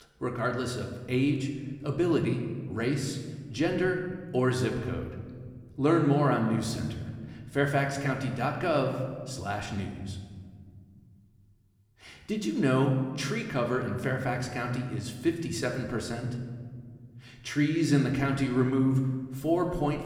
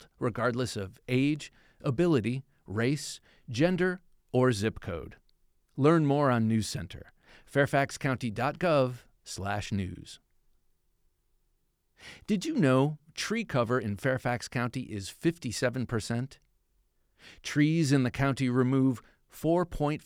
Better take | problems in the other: second | room echo; slight; dies away in 1.3 s // off-mic speech; somewhat distant

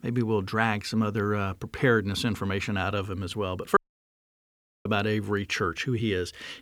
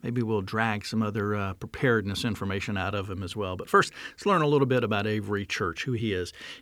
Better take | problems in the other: second | audio cutting out; at 4 s for 1 s

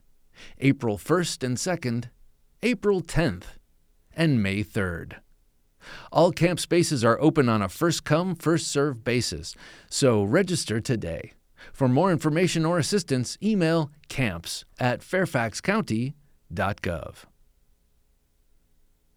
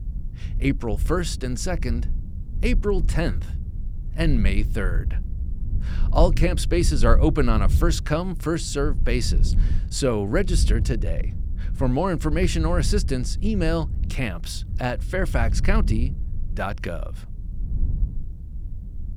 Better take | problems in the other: first | wind noise on the microphone; occasional gusts; 15 dB below the speech

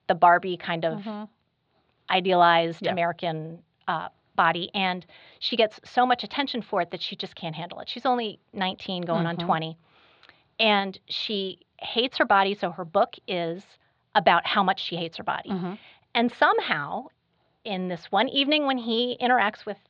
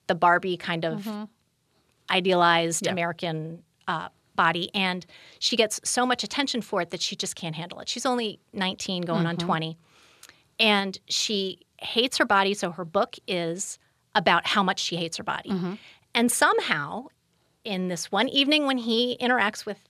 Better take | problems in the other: second | muffled; slightly; fading above 4 kHz

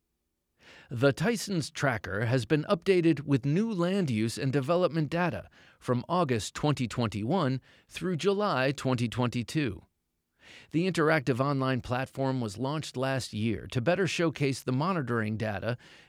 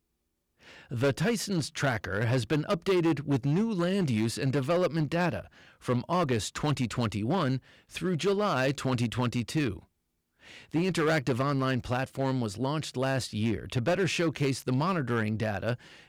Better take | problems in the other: first | distortion; slight; 7% of the sound clipped

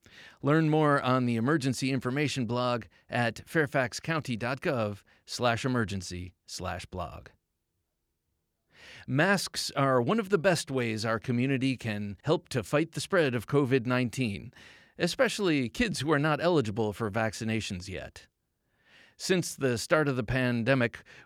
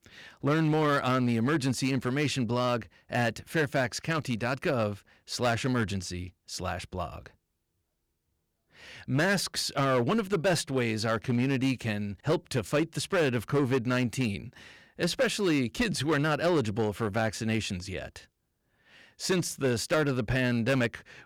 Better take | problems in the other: first | distortion; slight; 6% of the sound clipped

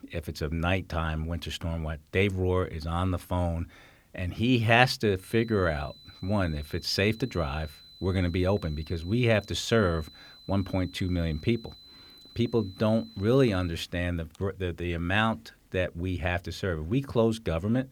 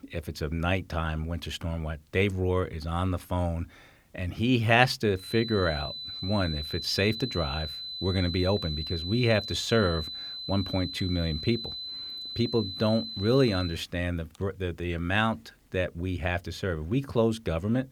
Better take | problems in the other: first | high-pitched whine; loud; from 5 to 14 s; 4 kHz, 6 dB below the speech; faint in the first

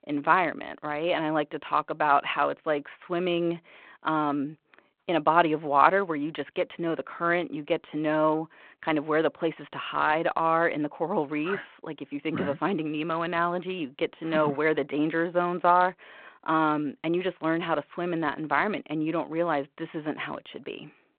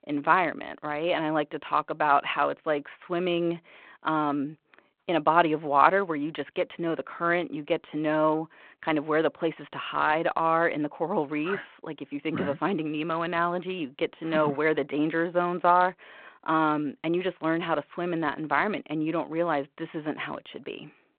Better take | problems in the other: neither | phone-call audio; the same in both

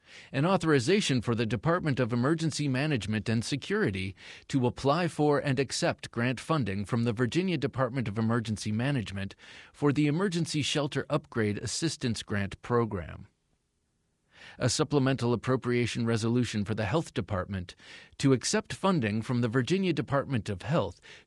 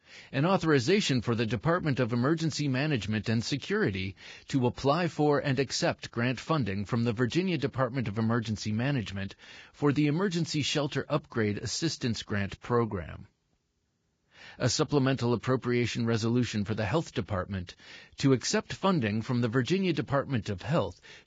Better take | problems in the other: first | garbled, watery; badly; nothing above 7.5 kHz; slightly in the first

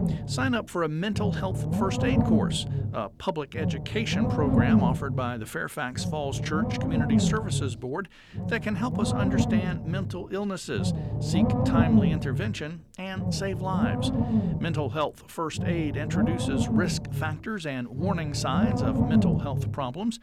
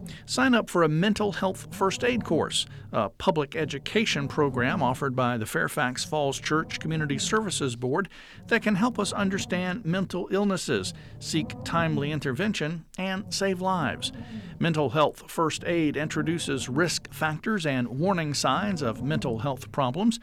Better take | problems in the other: second | low rumble; loud; throughout; 1 dB below the speech; faint in the second

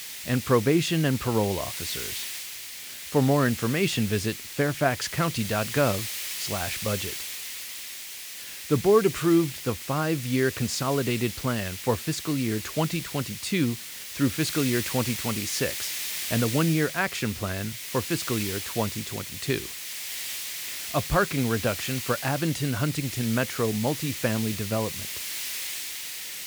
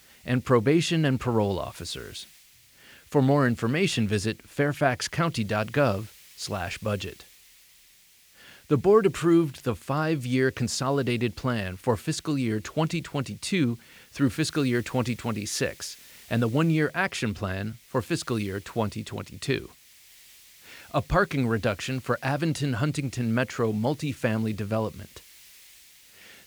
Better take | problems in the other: second | hiss; loud; throughout; 5 dB below the speech; faint in the second

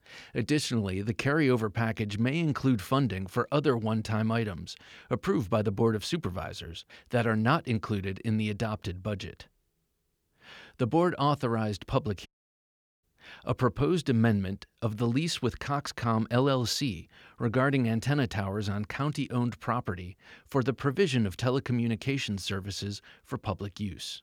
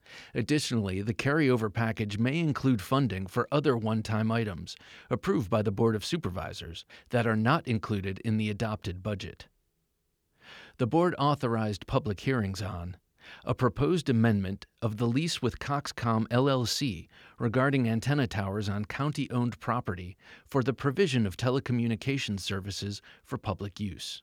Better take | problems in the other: second | audio cutting out; at 12 s for 1 s

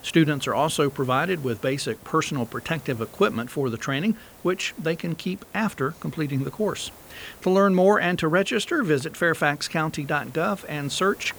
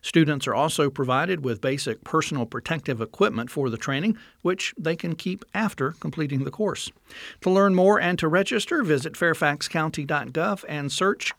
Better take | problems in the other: second | hiss; faint; throughout; 20 dB below the speech

